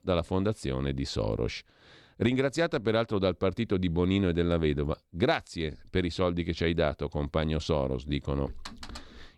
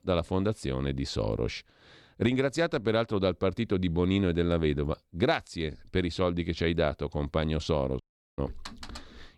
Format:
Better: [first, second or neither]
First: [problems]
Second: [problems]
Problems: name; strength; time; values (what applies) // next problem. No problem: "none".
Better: first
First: none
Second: audio cutting out; at 8 s